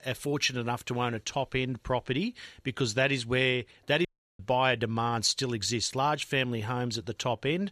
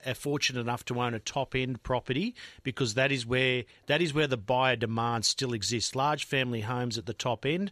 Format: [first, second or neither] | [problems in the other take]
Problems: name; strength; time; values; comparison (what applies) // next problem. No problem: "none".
second | audio cutting out; at 4 s